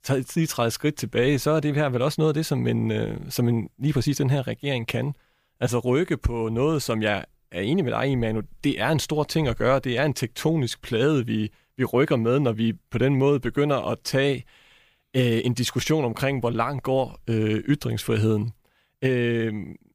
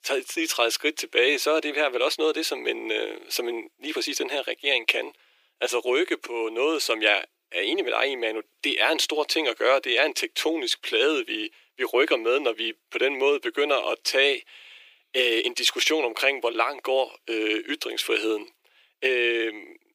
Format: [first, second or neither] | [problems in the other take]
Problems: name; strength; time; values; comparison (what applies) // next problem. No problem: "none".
first | thin; very; fading below 350 Hz